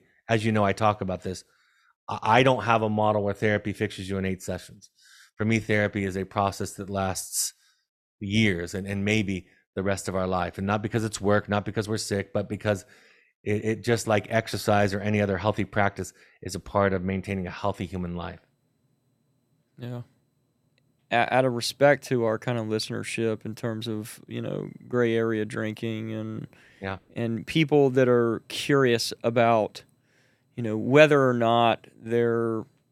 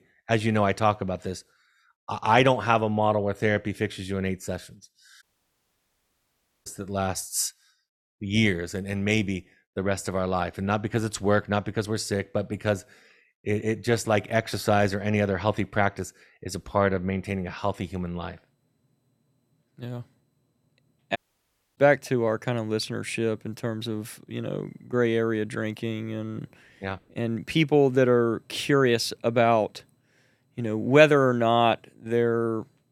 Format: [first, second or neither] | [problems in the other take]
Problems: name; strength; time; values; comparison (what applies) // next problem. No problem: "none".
first | audio cutting out; at 5 s for 1.5 s and at 21 s for 0.5 s